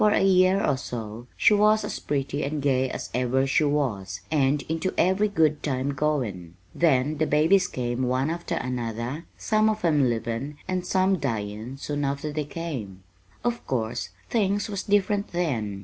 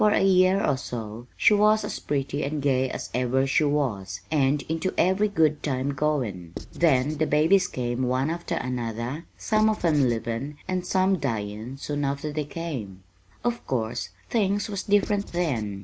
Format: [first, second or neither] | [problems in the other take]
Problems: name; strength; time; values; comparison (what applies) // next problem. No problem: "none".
first | background sound (Writing); 13 dB below the speech